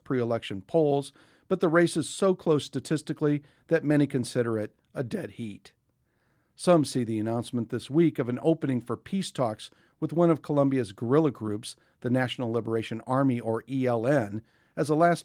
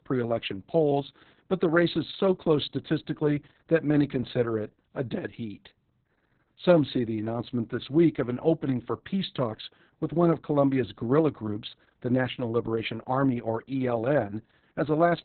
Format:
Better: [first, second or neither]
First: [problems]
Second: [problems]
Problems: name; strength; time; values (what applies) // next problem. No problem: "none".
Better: first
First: garbled, watery; slightly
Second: garbled, watery; badly; nothing above 4 kHz